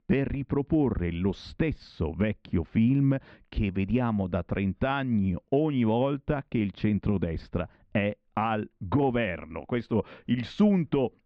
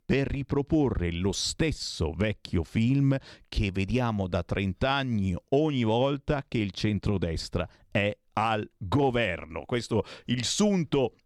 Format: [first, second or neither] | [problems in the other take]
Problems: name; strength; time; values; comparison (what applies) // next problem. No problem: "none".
second | muffled; very; fading above 2.5 kHz